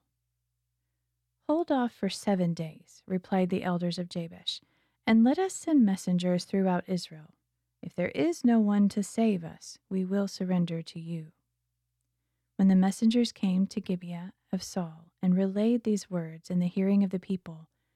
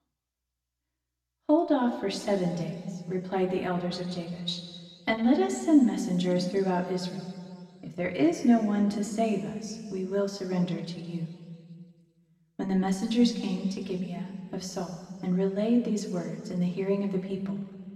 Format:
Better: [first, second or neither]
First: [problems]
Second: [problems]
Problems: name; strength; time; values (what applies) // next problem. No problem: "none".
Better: first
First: none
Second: room echo; noticeable; dies away in 2 s // off-mic speech; far